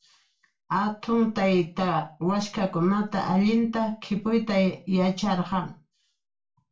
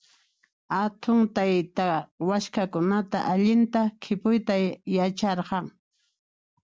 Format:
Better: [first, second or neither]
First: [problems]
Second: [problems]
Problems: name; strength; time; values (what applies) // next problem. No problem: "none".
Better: second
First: room echo; dies away in 0.3 s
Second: none